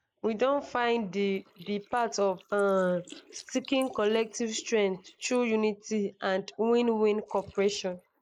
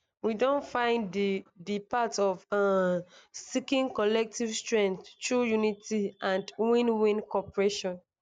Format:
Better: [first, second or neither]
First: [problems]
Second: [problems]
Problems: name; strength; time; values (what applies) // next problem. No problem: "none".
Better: second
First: noise reduction (neural mask model Resemble Enhance denoiser)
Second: none